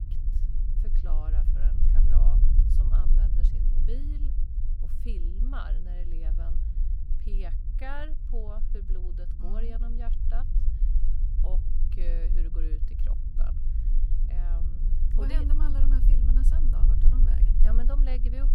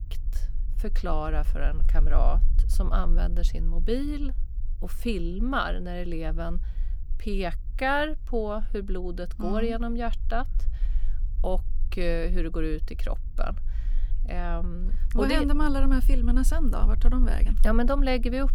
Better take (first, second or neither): second